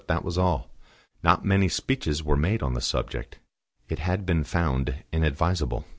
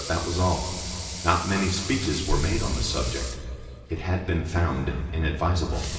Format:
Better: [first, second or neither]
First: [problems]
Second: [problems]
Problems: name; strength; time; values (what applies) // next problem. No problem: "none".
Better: first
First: none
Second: background sound (Sink (filling or washing) / Water tap, faucet / Liquid); 12 dB below the speech // room echo; dies away in 2.4 s